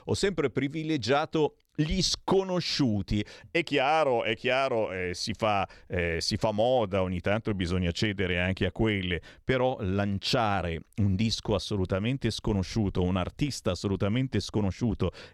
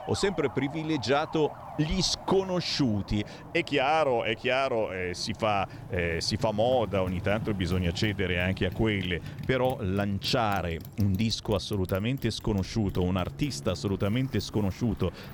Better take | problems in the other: first | traffic noise; noticeable; throughout; 15 dB below the speech

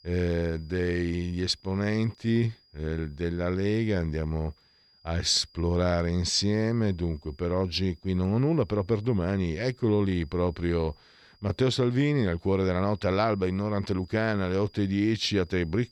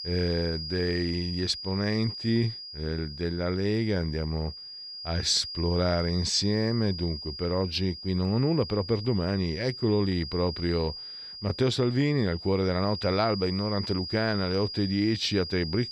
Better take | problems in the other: first | high-pitched whine; loud; throughout; 5 kHz, 8 dB below the speech; faint in the first

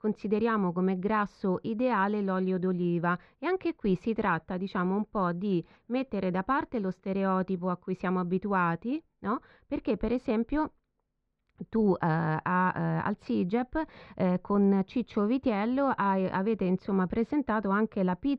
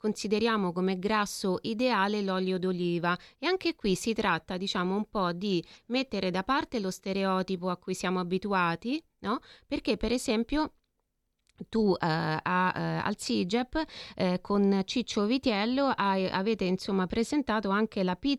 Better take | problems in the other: second | muffled; very; fading above 1.5 kHz

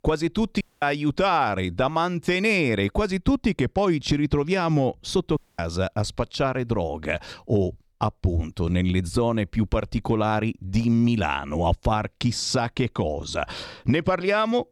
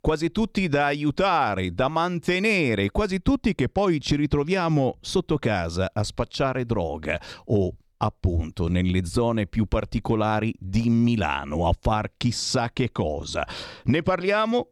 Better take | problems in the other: second | audio cutting out; at 0.5 s and at 5.5 s

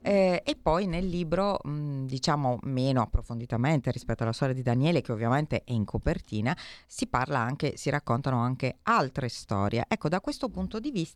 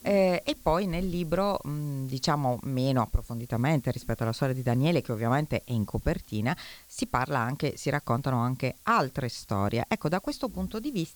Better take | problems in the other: first | hiss; faint; throughout; 20 dB below the speech

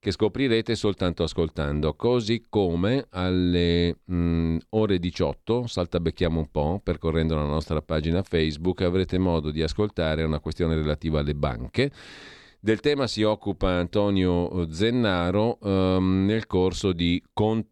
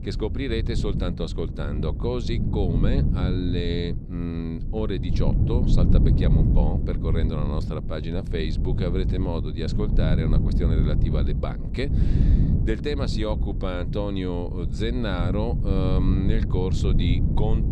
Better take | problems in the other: first | wind noise on the microphone; heavy; 5 dB below the speech

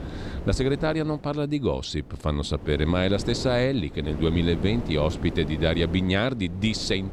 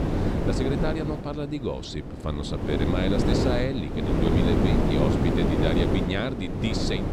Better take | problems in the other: first | wind noise on the microphone; heavy; 2 dB above the speech; occasional gusts in the first

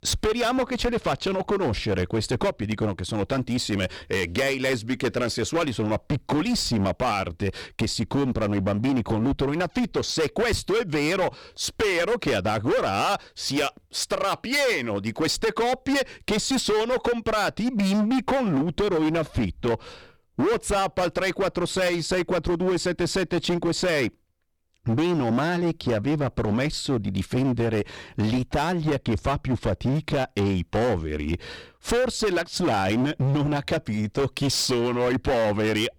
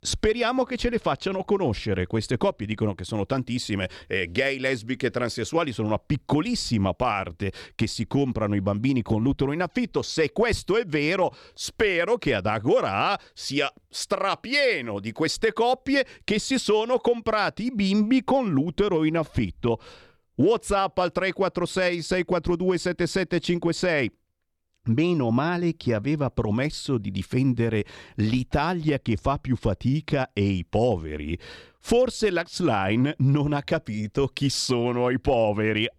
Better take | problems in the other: second | distortion; heavy; 20% of the sound clipped

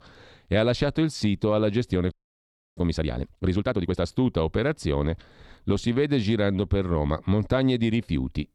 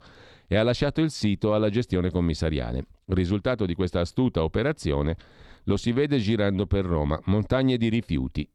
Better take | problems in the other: second | audio freezing; at 2 s for 0.5 s

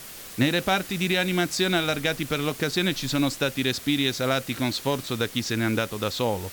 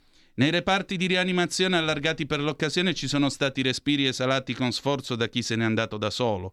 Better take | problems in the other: second | hiss; noticeable; throughout; 15 dB below the speech

